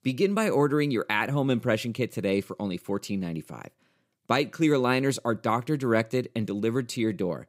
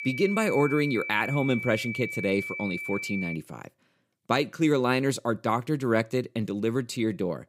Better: first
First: none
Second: high-pitched whine; loud; until 3.5 s; 2.5 kHz, 6 dB below the speech

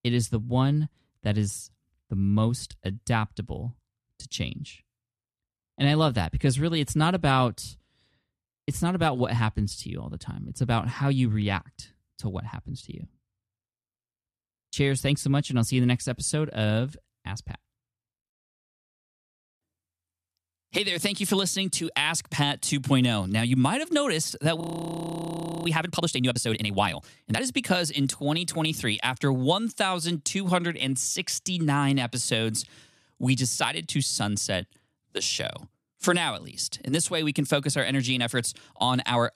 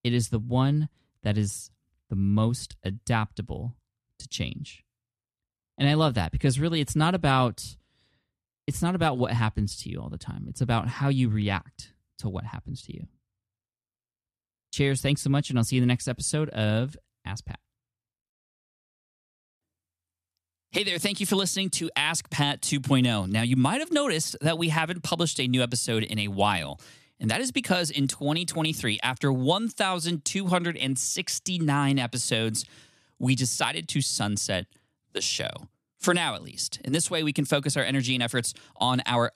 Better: second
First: audio freezing; at 25 s for 1 s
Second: none

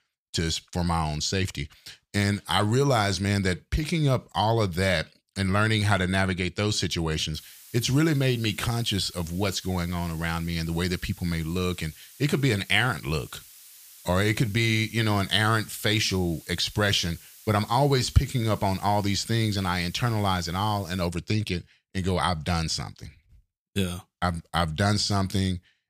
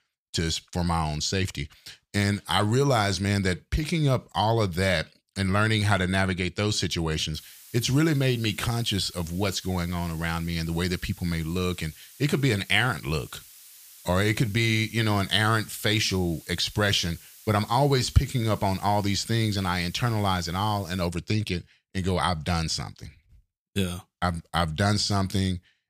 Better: neither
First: hiss; faint; from 7.5 to 21 s; 20 dB below the speech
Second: hiss; faint; from 7.5 to 21 s; 20 dB below the speech

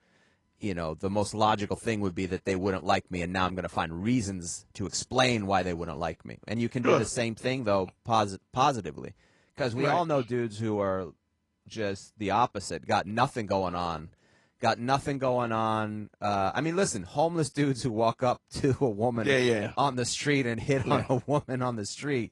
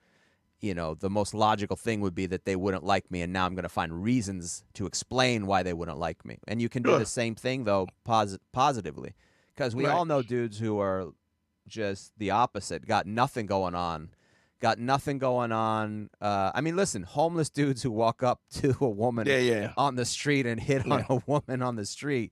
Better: second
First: garbled, watery; slightly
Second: none

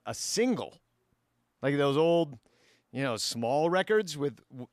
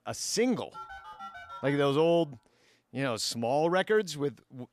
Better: first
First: none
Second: phone ringing; faint; from 0.5 to 2 s; peak 15 dB below the speech

